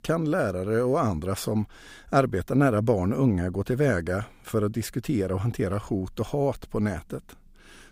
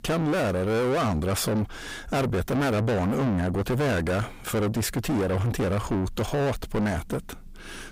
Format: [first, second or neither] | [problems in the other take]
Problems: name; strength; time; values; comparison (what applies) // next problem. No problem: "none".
first | distortion; heavy; 5 dB below the speech